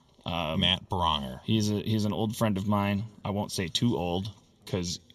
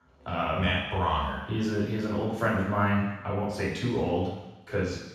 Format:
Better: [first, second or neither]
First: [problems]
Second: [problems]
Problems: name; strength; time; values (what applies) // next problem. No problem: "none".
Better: first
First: room echo; slight; dies away in 3 s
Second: room echo; strong; dies away in 1.1 s // off-mic speech; far